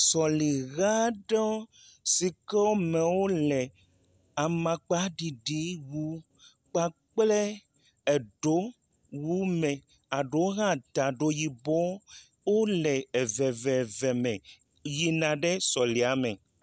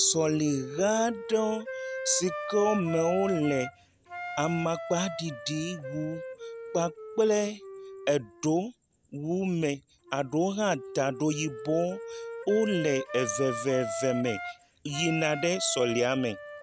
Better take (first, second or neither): first